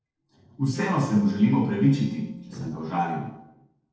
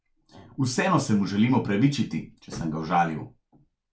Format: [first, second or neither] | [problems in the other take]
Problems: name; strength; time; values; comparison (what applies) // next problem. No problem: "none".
second | noise reduction (neural separator model SepFormer DNS4)